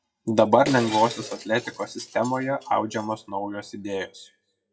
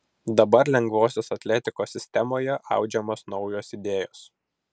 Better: second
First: noise reduction (classical method WPE with log-MMSE)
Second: none

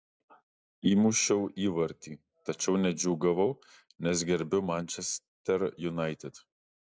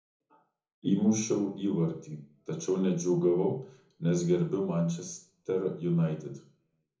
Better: first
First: none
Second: room echo; dies away in 0.6 s

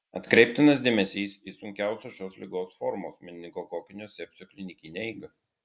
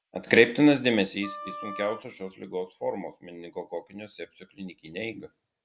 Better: first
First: none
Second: background sound (Wind instrument, woodwind instrument + Bell); 17 dB below the speech

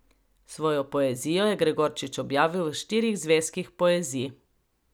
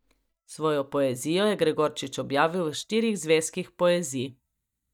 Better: first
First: none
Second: noise reduction (neural mask model DeepFilterNet 3)

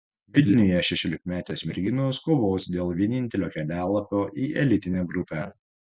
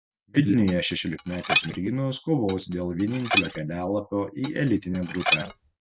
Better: first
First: none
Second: background sound (Dishes, pots, and pans); 4 dB below the speech

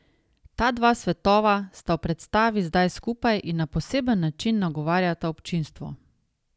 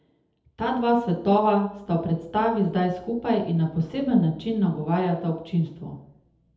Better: first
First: none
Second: room echo; dies away in 0.7 s

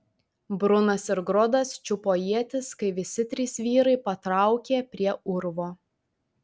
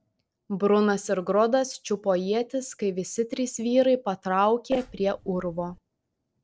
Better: first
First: none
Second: noise reduction (neural separator model SepFormer DNS4)

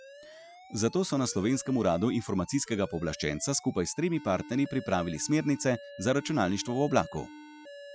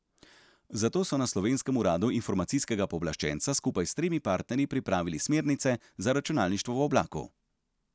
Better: second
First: noise reduction (classical method Wiener filter)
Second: none

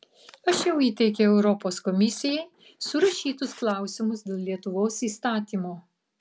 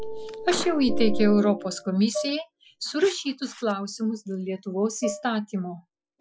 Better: first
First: none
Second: noise reduction (classical method Wiener filter)

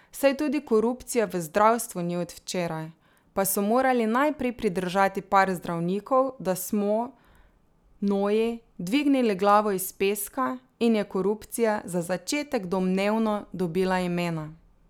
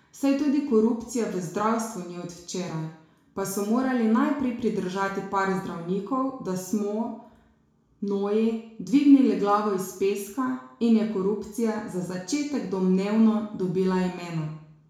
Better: first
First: none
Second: room echo; dies away in 0.6 s

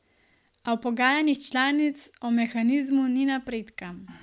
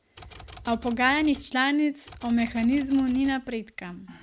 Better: first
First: none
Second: background sound (Typewriter); 19 dB below the speech

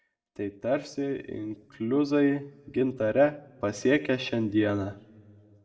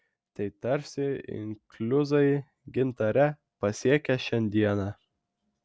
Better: second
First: room echo; dies away in 1.1 s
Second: none

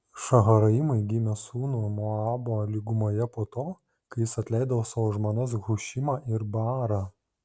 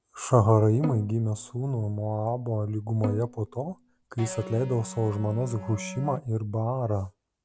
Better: first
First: none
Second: background sound (Bowed string instrument + Electric guitar); 13 dB below the speech

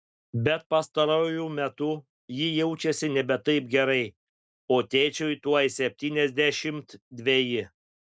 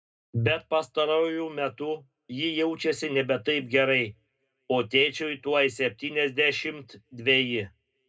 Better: first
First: none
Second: room echo; dies away in 0.2 s

